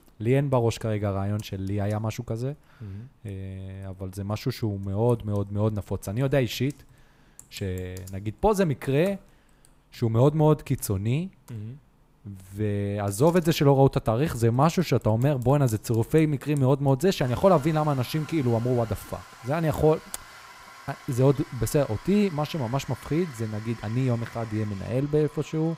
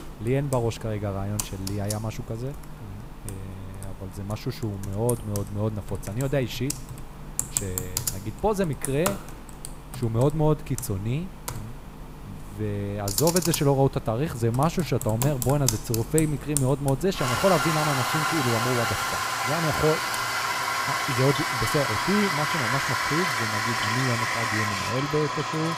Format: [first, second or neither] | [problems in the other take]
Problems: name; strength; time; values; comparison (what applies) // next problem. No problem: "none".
first | household noises; loud; throughout; as loud as the speech; faint in the first